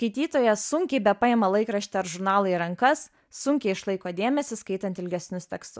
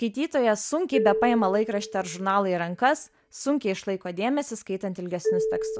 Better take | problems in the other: first | background sound (Marimba, xylophone); 6 dB below the speech

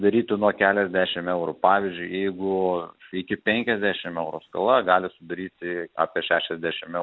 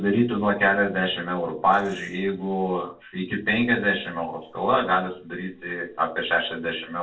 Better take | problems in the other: first | noise reduction (neural separator model SepFormer DNS4)

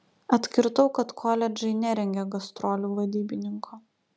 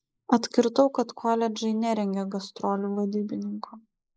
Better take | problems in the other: first | noise reduction (neural mask model Resemble Enhance denoiser)

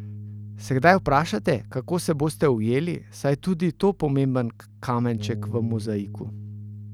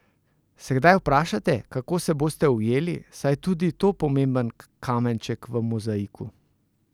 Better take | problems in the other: second | background sound (Bass guitar); 13 dB below the speech

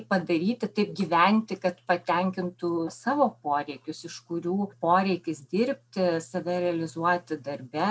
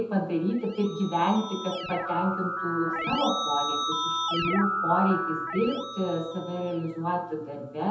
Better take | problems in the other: first | background sound (Keyboard (musical)); 4 dB below the speech // room echo; dies away in 0.7 s

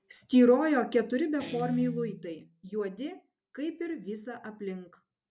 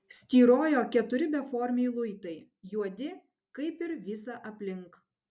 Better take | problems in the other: second | background sound (Guitar); 15 dB below the speech

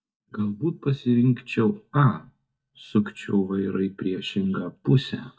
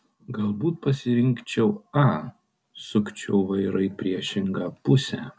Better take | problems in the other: second | noise reduction (neural mask model DeepFilterNet 3)

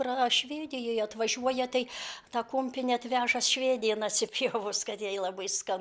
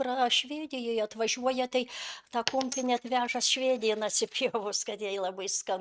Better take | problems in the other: first | noise reduction (neural mask model RNNoise)

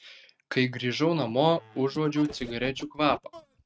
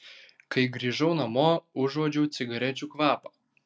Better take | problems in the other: second | noise reduction (neural mask model RNNoise)

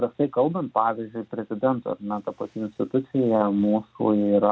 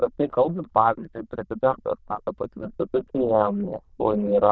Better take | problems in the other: first | noise reduction (neural diffusion model UNIVERSE++)

